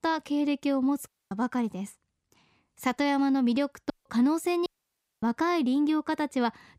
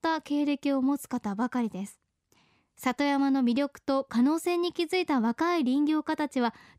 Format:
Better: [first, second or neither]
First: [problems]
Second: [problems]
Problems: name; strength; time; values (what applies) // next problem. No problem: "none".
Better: second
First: audio cutting out; at 1 s, at 4 s and at 4.5 s for 0.5 s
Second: none